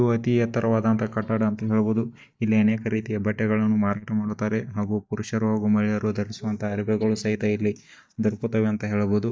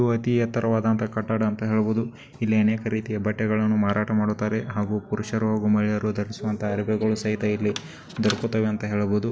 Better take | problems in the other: second | noise reduction (neural mask model DeepFilterNet 3)

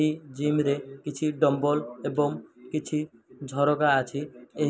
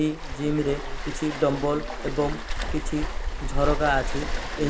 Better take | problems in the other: first | background sound (Waves, surf); 2 dB below the speech

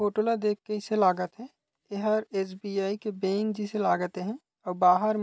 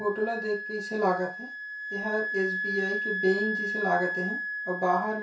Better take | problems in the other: first | background sound (Wind instrument, woodwind instrument); 3 dB below the speech // room echo; dies away in 0.3 s

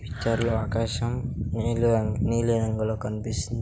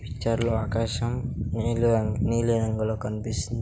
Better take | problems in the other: second | background sound (Breathing); 19 dB below the speech

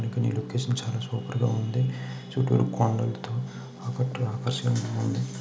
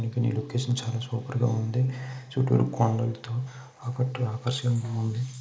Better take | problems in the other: first | noise reduction (neural mask model Resemble Enhance denoiser)

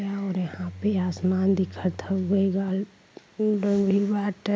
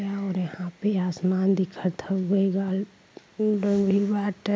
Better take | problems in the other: second | background sound (Bowed string instrument); 17 dB below the speech

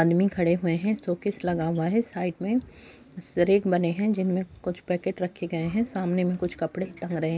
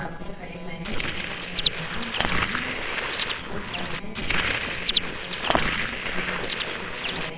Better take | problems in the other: first | noise reduction (neural separator model SepFormer WHAMR!)

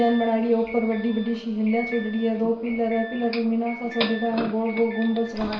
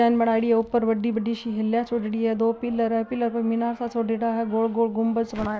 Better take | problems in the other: second | background sound (Doorbell); 13 dB below the speech // room echo; dies away in 0.8 s

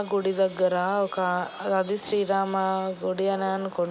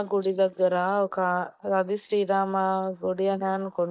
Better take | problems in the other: first | noise reduction (neural mask model DeepFilterNet 3)

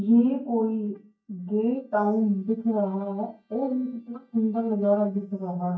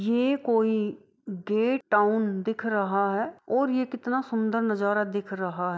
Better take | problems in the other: second | noise reduction (neural mask model DeepFilterNet 3)

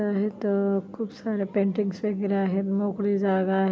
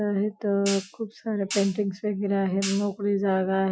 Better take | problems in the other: first | noise reduction (classical method Wiener filter)

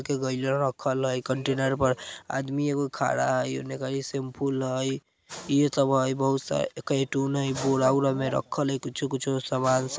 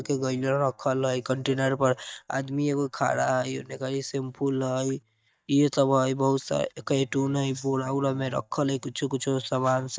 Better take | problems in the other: first | noise reduction (neural mask model DeepFilterNet 3)

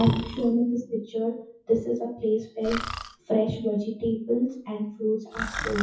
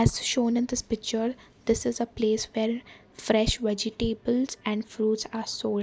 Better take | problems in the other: second | noise reduction (classical method WPE with log-MMSE)

